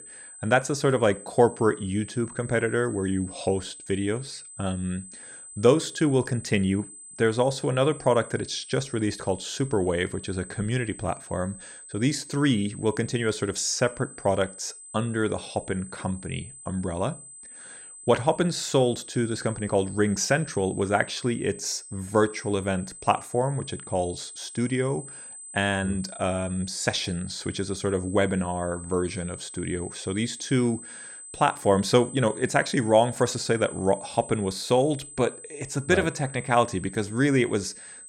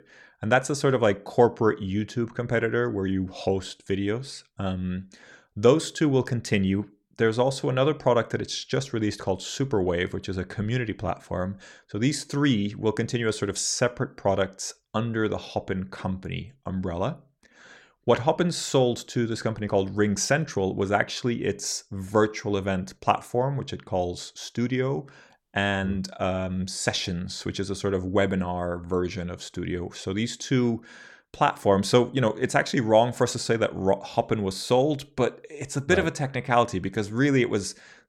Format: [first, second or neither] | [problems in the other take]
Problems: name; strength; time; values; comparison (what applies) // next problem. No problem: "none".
second | high-pitched whine; noticeable; throughout; 8 kHz, 15 dB below the speech